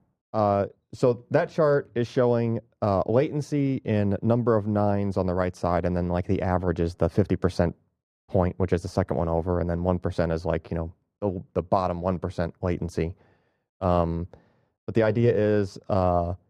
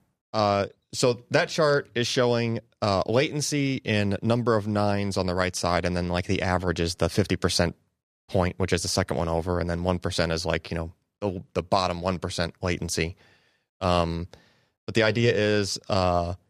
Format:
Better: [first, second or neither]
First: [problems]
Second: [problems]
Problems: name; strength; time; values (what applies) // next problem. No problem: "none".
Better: second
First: muffled; very; fading above 2 kHz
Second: none